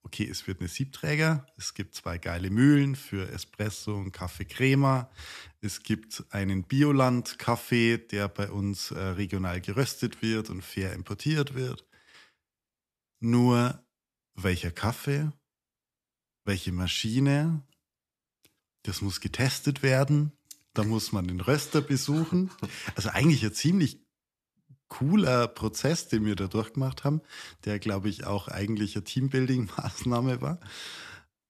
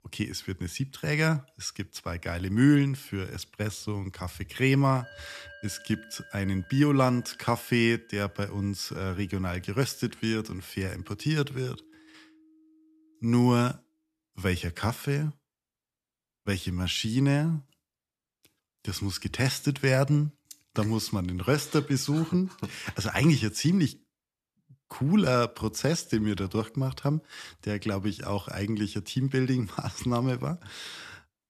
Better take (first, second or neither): first